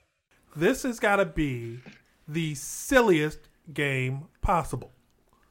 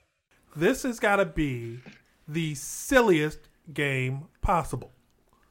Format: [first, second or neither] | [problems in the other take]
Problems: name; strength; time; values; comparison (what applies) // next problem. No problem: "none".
neither | none